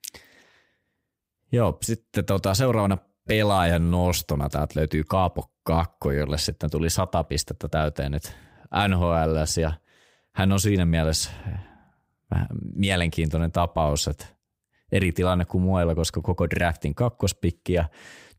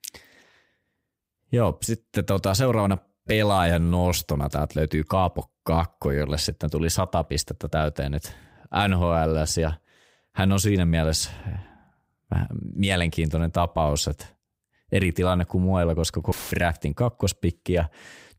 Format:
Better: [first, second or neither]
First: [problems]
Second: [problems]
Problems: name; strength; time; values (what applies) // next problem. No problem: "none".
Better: first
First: none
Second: audio cutting out; filled with static; at 16 s